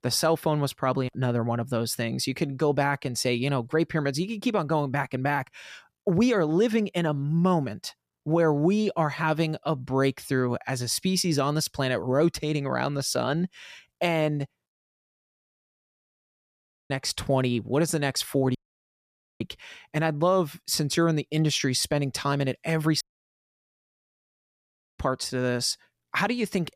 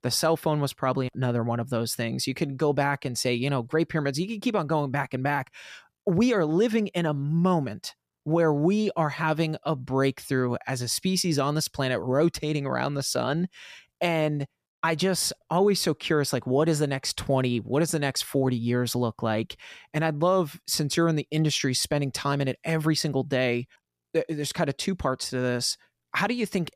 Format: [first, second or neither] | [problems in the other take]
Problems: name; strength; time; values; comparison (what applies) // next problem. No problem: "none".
second | audio cutting out; at 15 s for 2 s, at 19 s for 1 s and at 23 s for 2 s